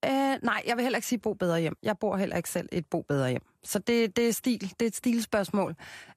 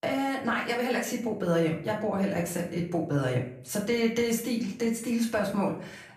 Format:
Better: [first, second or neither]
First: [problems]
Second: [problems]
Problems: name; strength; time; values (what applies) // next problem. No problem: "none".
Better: first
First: none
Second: room echo; slight; dies away in 0.5 s // off-mic speech; far